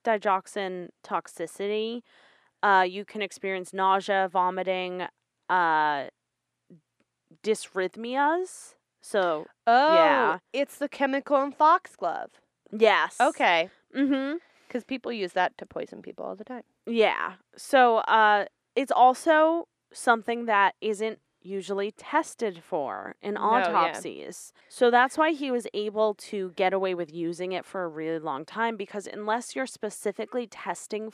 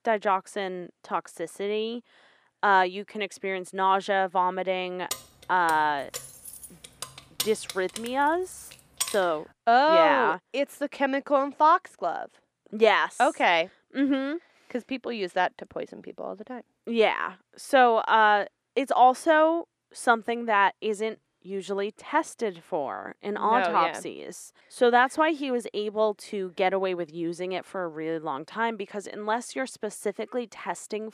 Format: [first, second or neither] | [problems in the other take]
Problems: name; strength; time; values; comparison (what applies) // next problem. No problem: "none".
first | jangling keys; noticeable; from 5 to 9 s; peak 5 dB below the speech